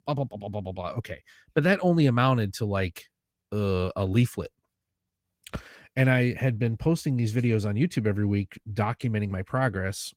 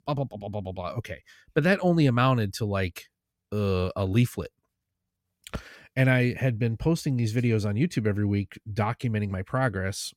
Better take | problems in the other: second | garbled, watery; slightly; nothing above 16.5 kHz

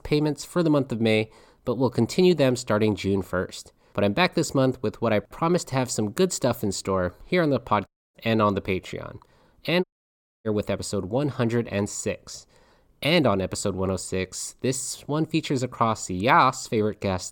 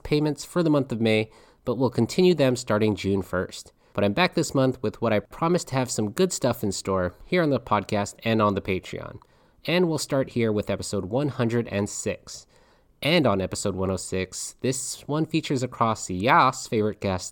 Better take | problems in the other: second | audio cutting out; at 8 s and at 10 s for 0.5 s

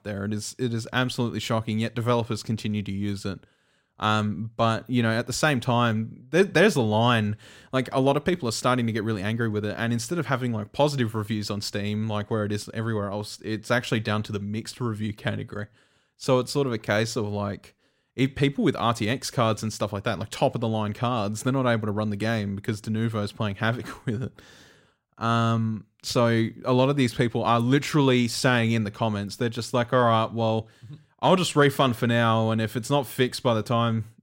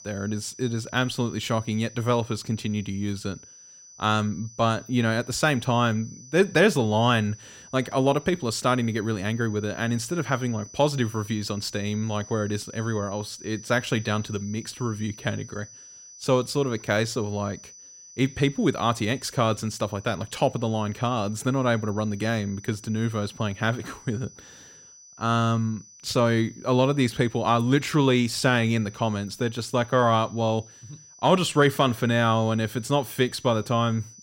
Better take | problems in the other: first | high-pitched whine; noticeable; throughout; 6 kHz, 20 dB below the speech

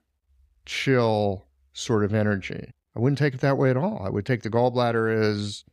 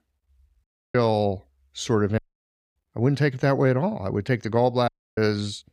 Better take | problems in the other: first | audio cutting out; at 0.5 s, at 2 s for 0.5 s and at 5 s

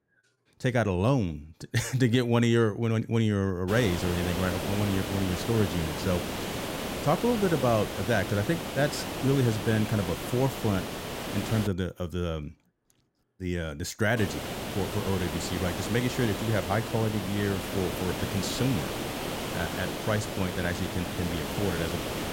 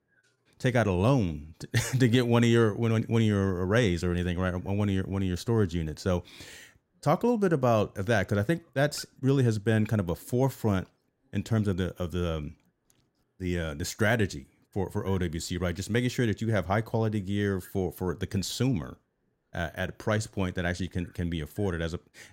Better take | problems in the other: second | hiss; loud; from 3.5 to 12 s and from 14 s on; 5 dB below the speech

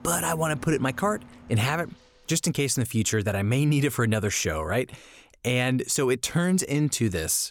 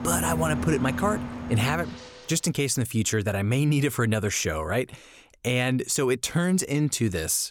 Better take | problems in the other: first | train or aircraft noise; loud; until 2 s; 7 dB below the speech; faint in the first

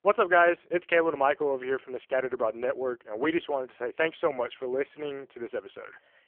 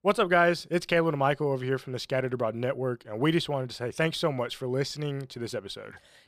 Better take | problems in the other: second | phone-call audio; poor line

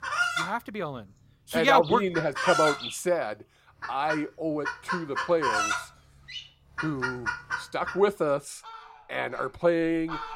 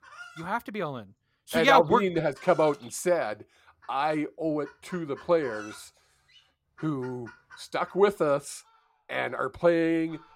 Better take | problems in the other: second | animal sounds; loud; throughout; 4 dB below the speech; faint in the second

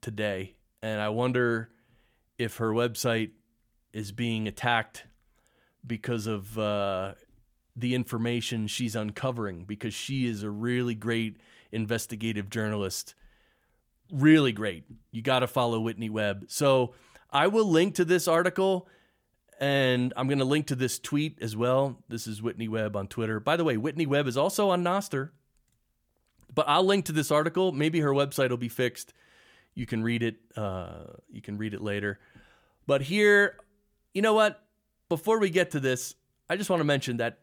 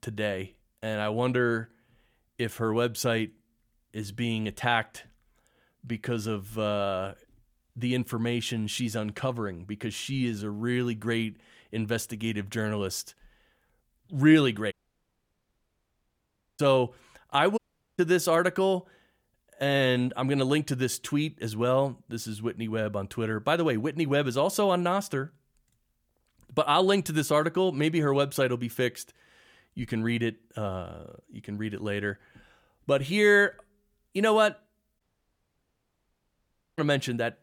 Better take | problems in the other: first | audio cutting out; at 15 s for 2 s, at 18 s and at 35 s for 2 s

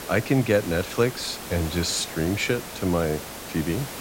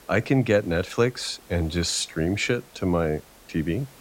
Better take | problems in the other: second | hiss; loud; throughout; 10 dB below the speech; faint in the second

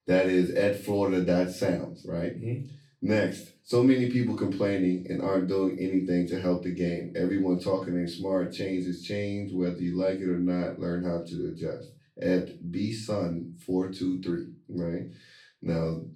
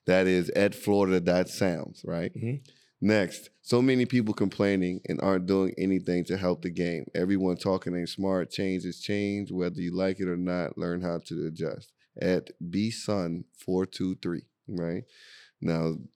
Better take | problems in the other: second | room echo; slight; dies away in 0.3 s // off-mic speech; far

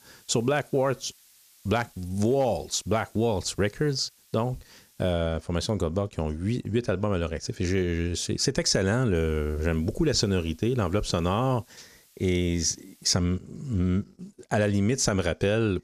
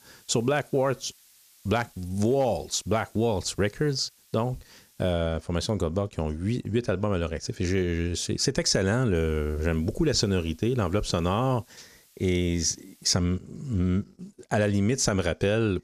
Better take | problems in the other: neither | hiss; faint; until 5 s and from 9 to 13 s; 30 dB below the speech; the same in both

